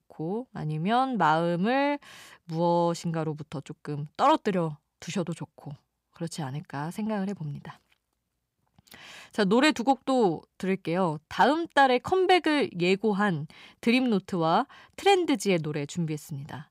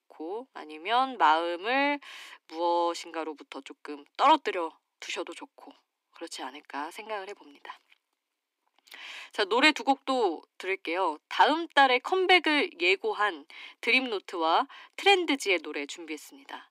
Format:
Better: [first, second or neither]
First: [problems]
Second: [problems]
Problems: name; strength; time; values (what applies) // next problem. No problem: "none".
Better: first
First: none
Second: thin; somewhat; fading below 250 Hz